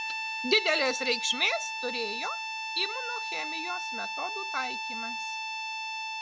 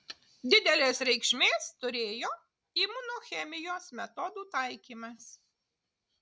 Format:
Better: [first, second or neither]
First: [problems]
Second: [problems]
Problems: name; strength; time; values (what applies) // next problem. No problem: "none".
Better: second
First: background sound (Harmonica); 2 dB below the speech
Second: none